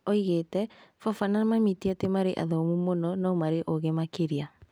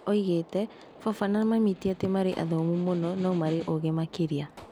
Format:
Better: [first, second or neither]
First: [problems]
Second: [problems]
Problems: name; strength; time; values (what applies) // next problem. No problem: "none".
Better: first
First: none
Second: background sound (Gunshot, gunfire + Snare drum); 19 dB below the speech